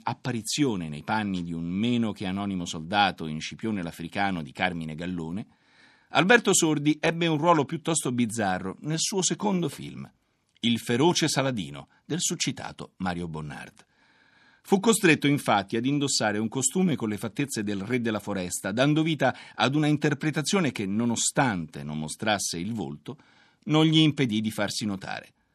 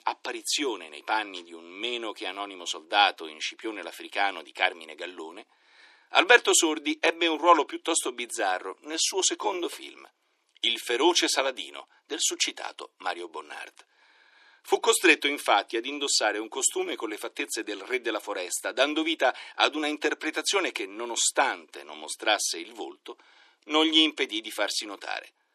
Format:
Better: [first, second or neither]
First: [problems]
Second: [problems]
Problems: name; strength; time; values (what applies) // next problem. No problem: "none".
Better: first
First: none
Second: thin; very; fading below 350 Hz